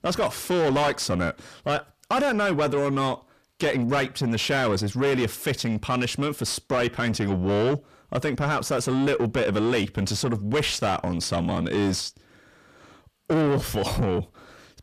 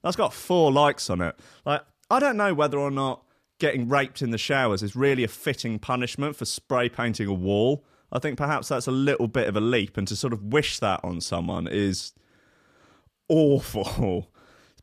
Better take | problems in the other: second | distortion; heavy; 7 dB below the speech

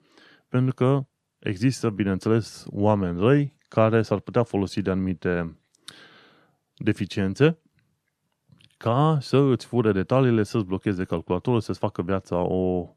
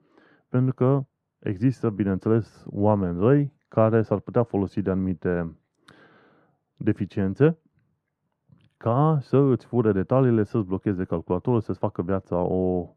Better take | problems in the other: first | muffled; very; fading above 2 kHz

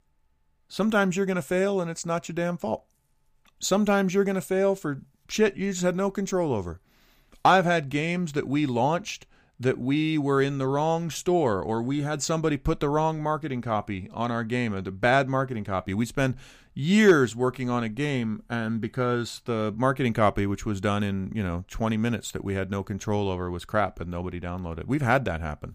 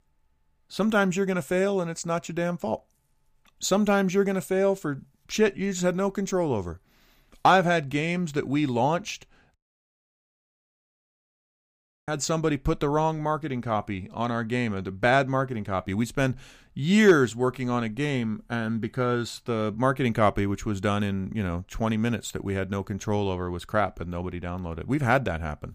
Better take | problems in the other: first | audio cutting out; at 9.5 s for 2.5 s

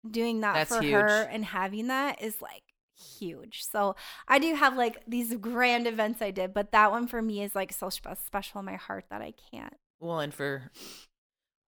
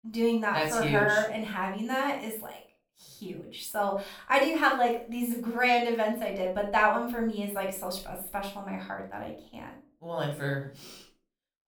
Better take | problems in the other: first | off-mic speech; somewhat distant // room echo; slight; dies away in 0.3 s

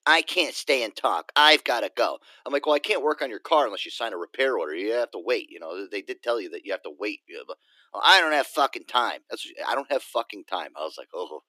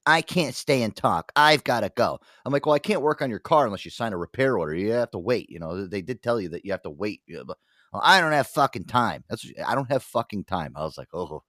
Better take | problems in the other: second | thin; somewhat; fading below 300 Hz

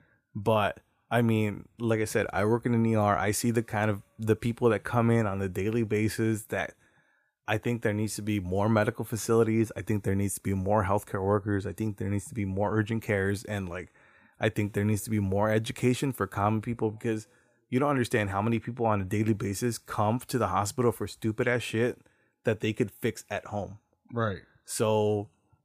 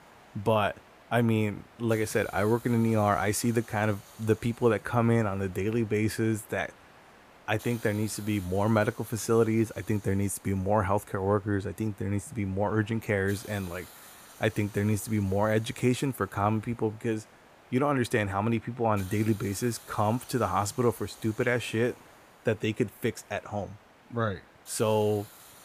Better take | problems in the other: first | hiss; faint; throughout; 20 dB below the speech

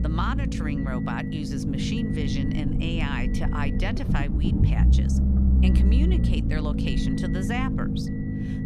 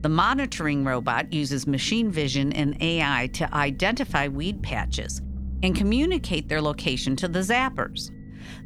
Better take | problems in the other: second | low rumble; loud; throughout; 1 dB below the speech; faint in the second

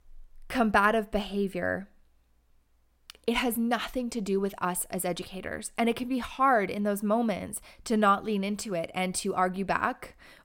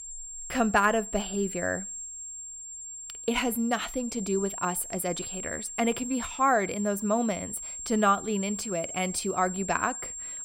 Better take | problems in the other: first | high-pitched whine; loud; throughout; 7.5 kHz, 8 dB below the speech

